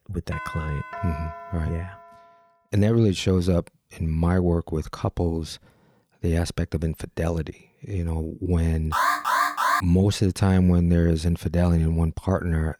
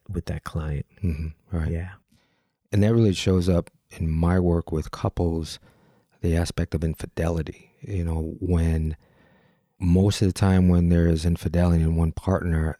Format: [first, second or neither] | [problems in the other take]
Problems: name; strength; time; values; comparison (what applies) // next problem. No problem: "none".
second | doorbell; faint; until 2.5 s; peak 10 dB below the speech // alarm; loud; at 9 s; peak 3 dB above the speech